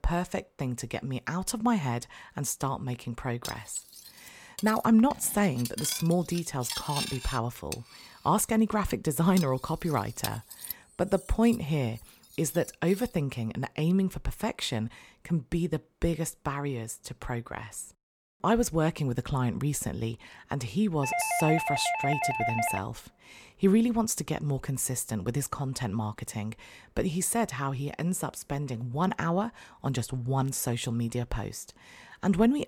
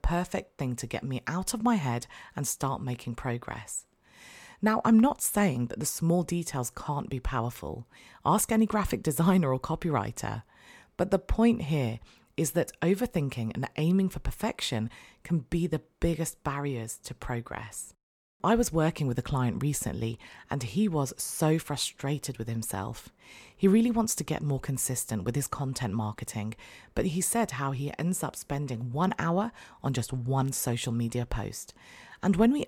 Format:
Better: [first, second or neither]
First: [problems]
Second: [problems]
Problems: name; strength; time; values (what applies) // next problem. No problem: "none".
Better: second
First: clattering dishes; noticeable; from 3.5 to 13 s; peak 2 dB below the speech // doorbell; loud; from 21 to 23 s; peak 1 dB above the speech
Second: none